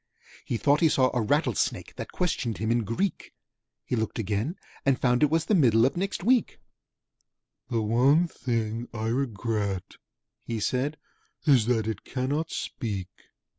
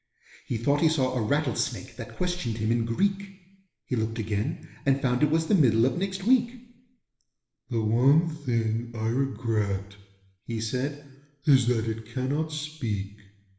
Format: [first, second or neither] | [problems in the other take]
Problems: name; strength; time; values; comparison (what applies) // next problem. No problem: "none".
first | room echo; dies away in 0.9 s